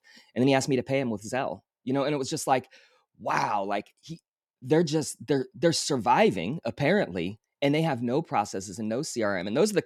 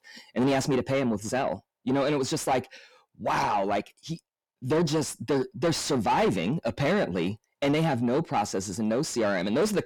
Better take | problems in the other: first | distortion; heavy; 8 dB below the speech

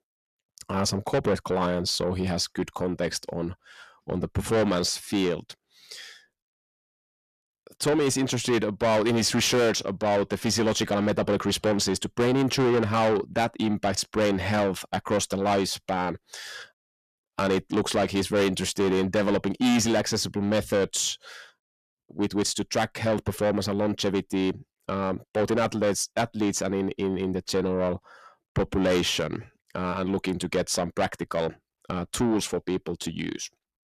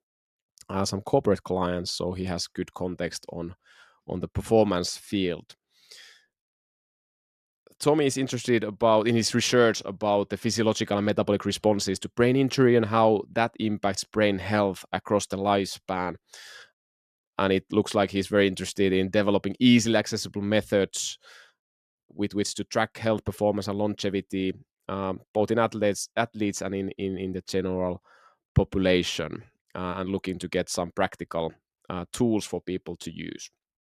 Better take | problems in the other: second | distortion; heavy; 6 dB below the speech

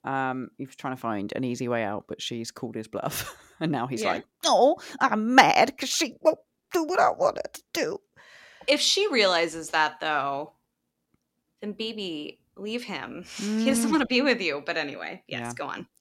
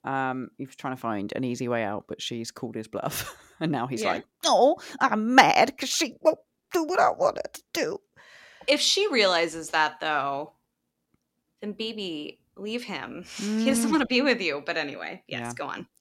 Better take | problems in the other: neither | none

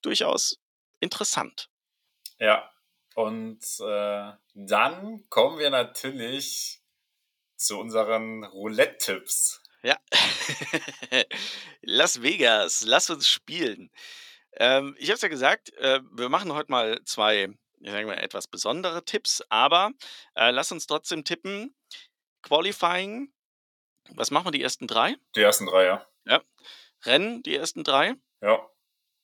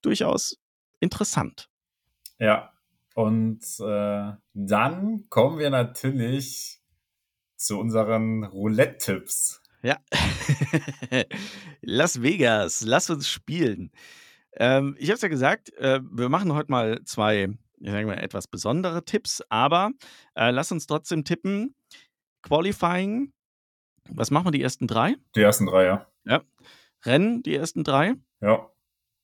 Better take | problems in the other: second | thin; somewhat; fading below 400 Hz

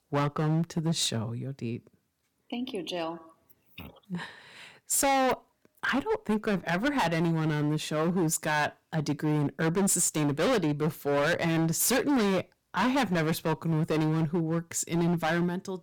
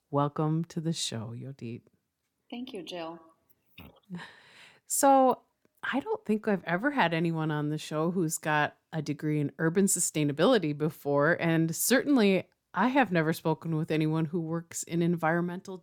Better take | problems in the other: second | distortion; heavy; 15% of the sound clipped

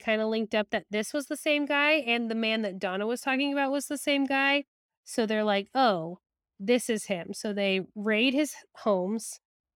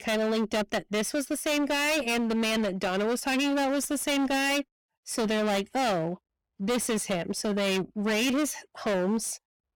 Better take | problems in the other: first | distortion; heavy; 32% of the sound clipped

